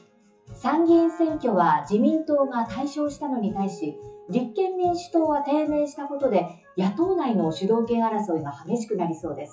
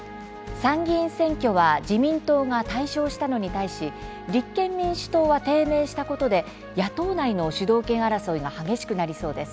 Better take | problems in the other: second | noise reduction (classical method WPE with log-MMSE)

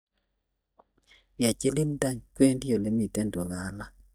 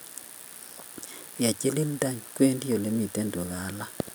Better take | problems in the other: second | noise reduction (neural mask model DeepFilterNet 3)

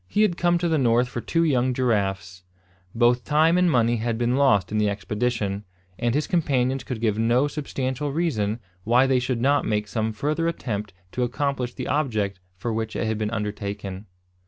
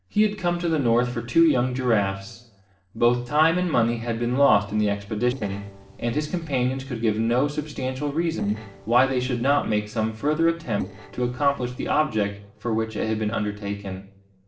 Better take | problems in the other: first | noise reduction (neural separator model SepFormer DNS4)

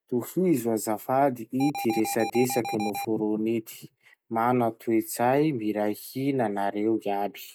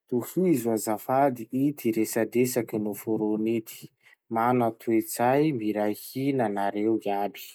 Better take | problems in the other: second | background sound (Alarm); 7 dB below the speech

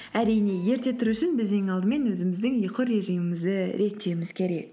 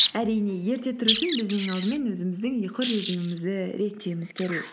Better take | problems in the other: first | noise reduction (neural mask model Resemble Enhance denoiser)

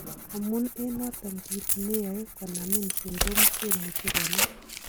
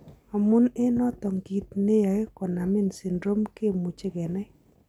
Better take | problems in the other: second | background sound (Coin (dropping) + Tearing); 4 dB above the speech

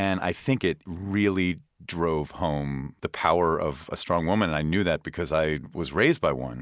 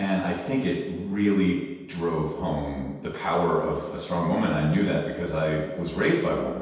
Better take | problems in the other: first | room echo; dies away in 1.2 s

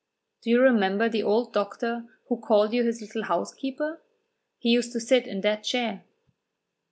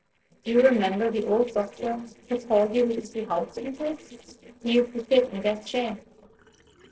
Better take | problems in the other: first | noise reduction (neural separator model SepFormer DNS4)

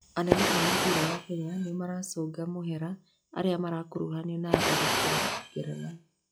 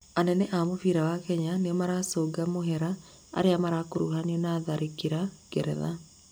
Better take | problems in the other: second | noise reduction (classical method log-MMSE)

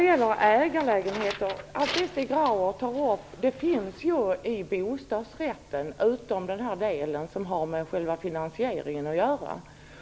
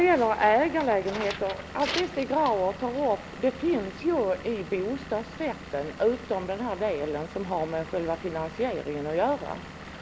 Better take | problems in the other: first | background sound (Engine / Vehicle); 15 dB below the speech

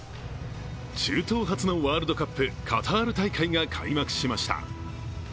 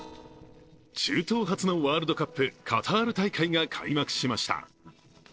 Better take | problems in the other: first | noise reduction (neural separator model SepFormer DNS4)

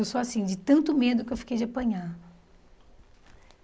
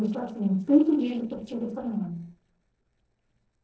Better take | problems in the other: first | noise reduction (neural separator model SepFormer DNS4)

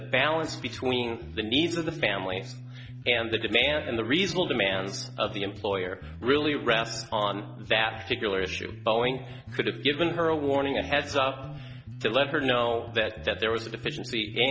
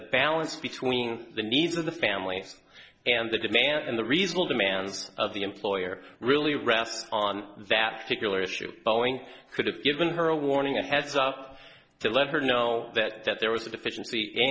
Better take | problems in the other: second | background sound (Bass guitar); 13 dB below the speech

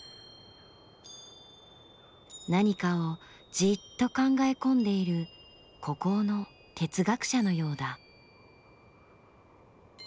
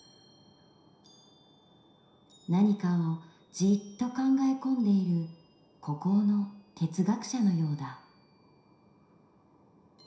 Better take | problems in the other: first | room echo; dies away in 0.7 s

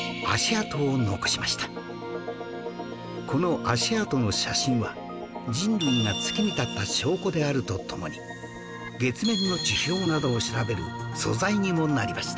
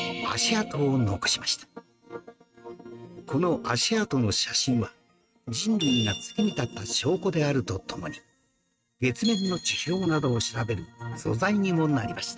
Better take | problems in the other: first | noise reduction (neural mask model RNNoise)

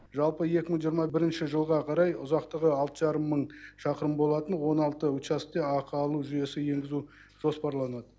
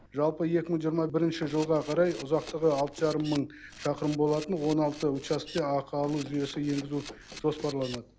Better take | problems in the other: first | background sound (Run + Camera); 16 dB below the speech

